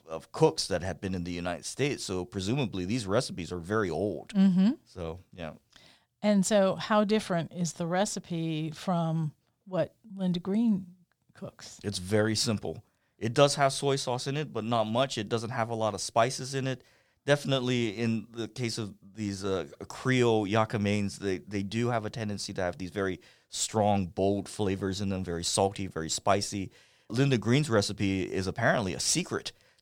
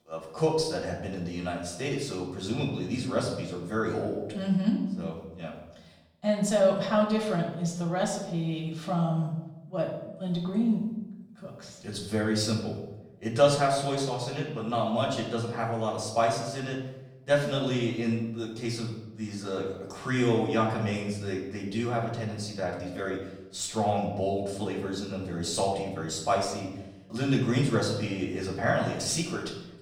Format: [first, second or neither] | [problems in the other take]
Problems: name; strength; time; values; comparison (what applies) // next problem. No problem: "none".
first | off-mic speech; far // room echo; noticeable; dies away in 0.8 s